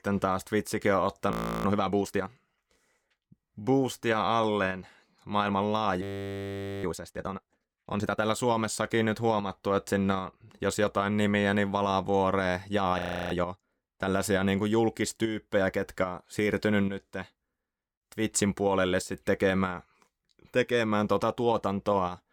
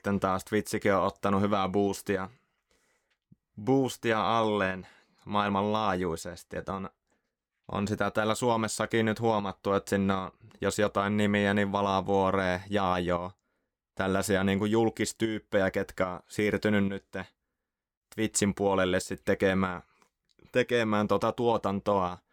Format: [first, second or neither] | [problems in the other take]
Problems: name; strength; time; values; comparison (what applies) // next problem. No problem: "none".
second | audio freezing; at 1.5 s, at 6 s for 1 s and at 13 s